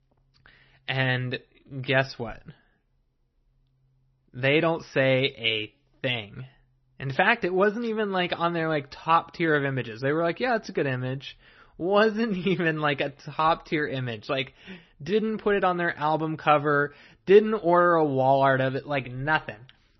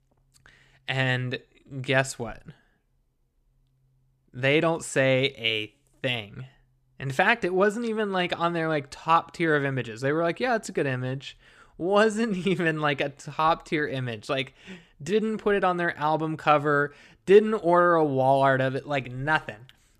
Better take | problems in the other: second | garbled, watery; slightly; nothing above 6 kHz

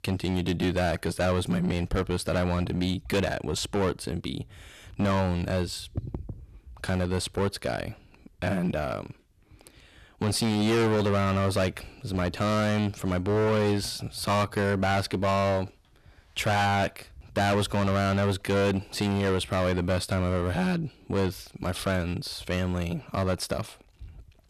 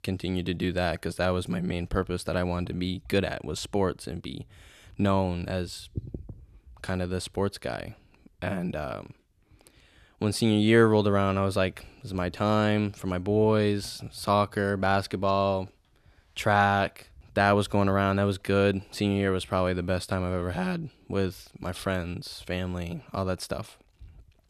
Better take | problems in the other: second | distortion; heavy; 14% of the sound clipped

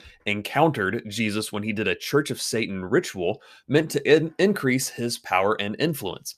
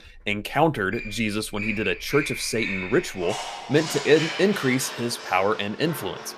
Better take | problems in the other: first | animal sounds; loud; throughout; 8 dB below the speech

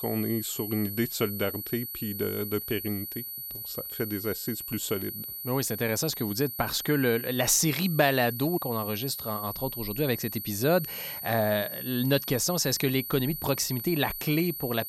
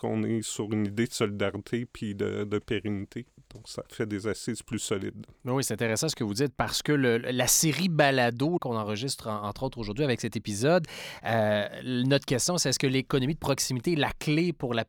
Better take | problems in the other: second | high-pitched whine; loud; throughout; 12 kHz, 6 dB below the speech

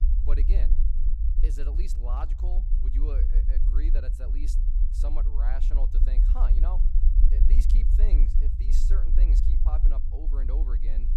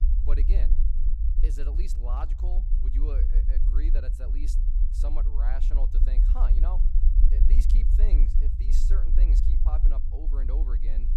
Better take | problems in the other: neither | low rumble; loud; throughout; 3 dB below the speech; the same in both

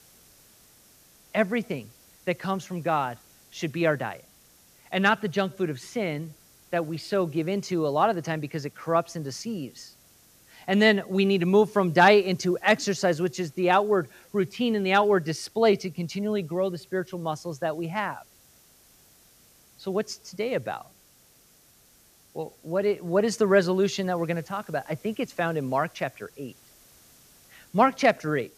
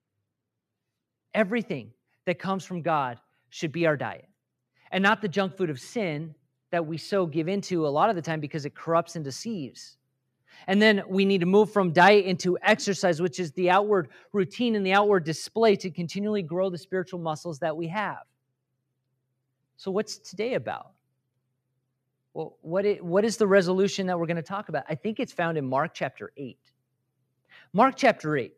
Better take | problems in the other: second | hiss; faint; throughout; 30 dB below the speech

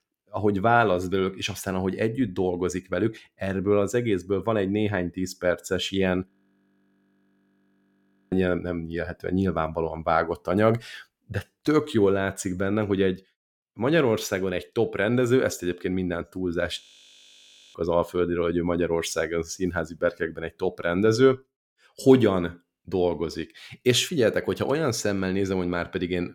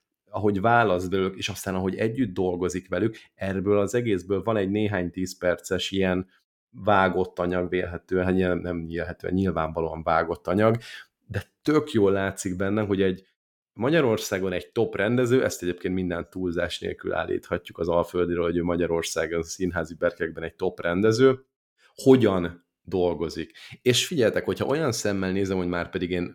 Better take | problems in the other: second | audio freezing; at 6.5 s for 2 s and at 17 s for 1 s

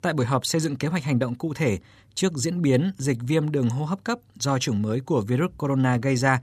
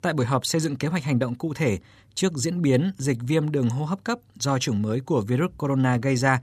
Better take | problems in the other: neither | none

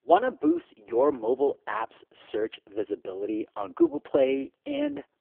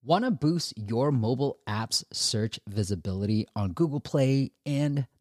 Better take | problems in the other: second | phone-call audio; poor line

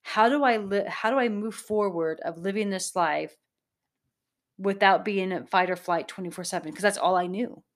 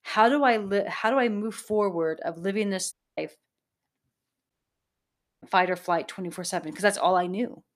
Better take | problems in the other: first | audio cutting out; at 3 s and at 4.5 s for 1 s

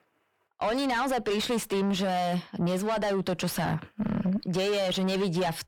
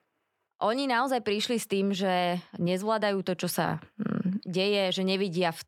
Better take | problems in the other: second | distortion; heavy; 6 dB below the speech

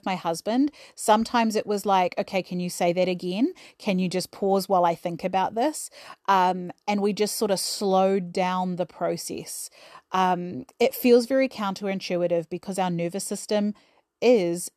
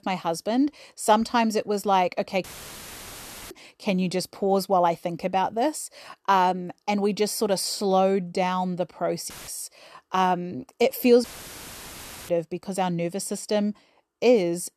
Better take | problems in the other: first | audio cutting out; filled with static; at 2.5 s for 1 s, at 9.5 s and at 11 s for 1 s

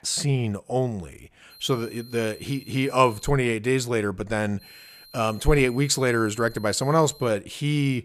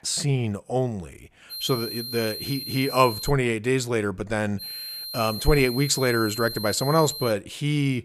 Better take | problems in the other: first | high-pitched whine; loud; from 1.5 to 3.5 s and from 4.5 to 7.5 s; 4 kHz, 8 dB below the speech; faint in the first

